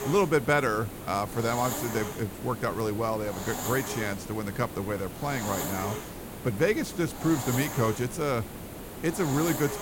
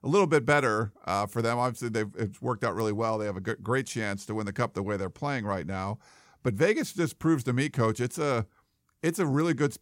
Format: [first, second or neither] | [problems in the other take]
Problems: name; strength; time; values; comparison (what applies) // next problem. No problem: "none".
second | hiss; loud; throughout; 7 dB below the speech